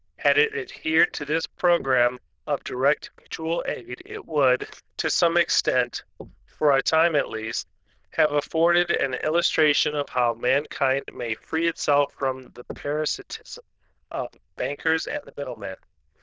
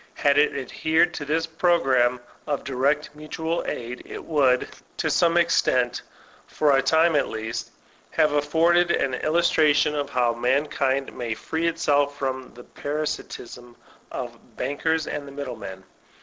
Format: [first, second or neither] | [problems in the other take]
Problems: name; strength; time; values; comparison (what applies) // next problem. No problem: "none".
second | noise reduction (neural diffusion model UNIVERSE++)